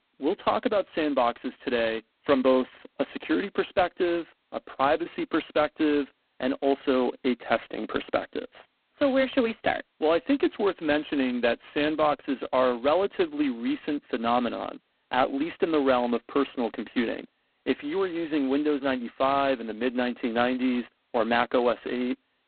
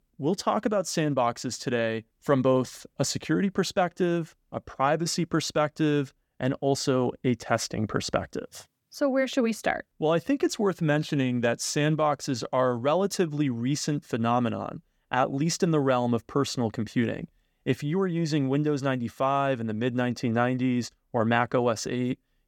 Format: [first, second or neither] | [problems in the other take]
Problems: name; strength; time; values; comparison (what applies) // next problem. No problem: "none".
second | phone-call audio; poor line; nothing above 4 kHz